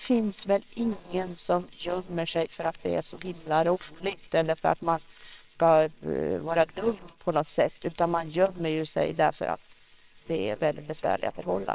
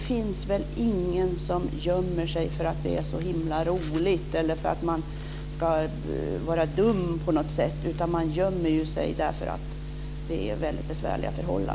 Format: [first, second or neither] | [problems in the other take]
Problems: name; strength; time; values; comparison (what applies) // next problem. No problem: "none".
second | noise reduction (neural separator model SepFormer WHAMR!)